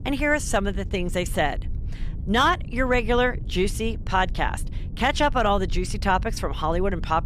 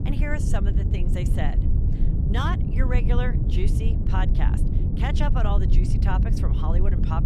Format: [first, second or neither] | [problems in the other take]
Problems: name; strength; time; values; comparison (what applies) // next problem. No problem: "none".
first | low rumble; loud; throughout; 4 dB below the speech; faint in the first